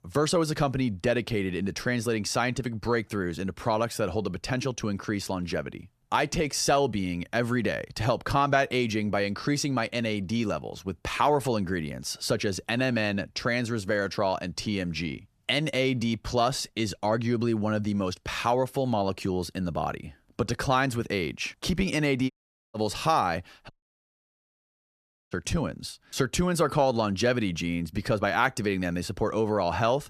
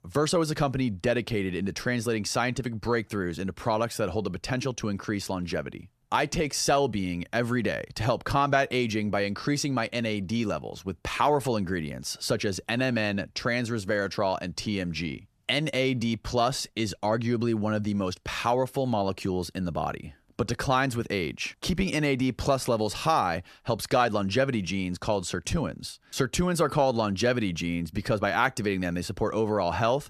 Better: second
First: audio cutting out; at 22 s and at 24 s for 1.5 s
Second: none

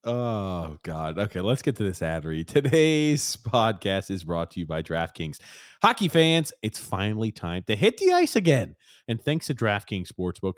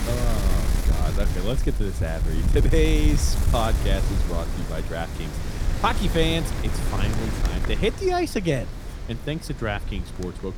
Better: first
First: none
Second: wind noise on the microphone; heavy; 8 dB below the speech

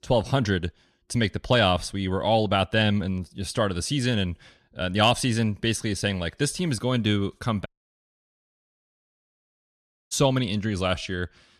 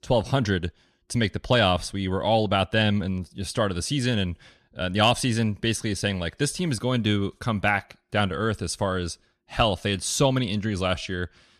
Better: second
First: audio cutting out; at 7.5 s for 2.5 s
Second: none

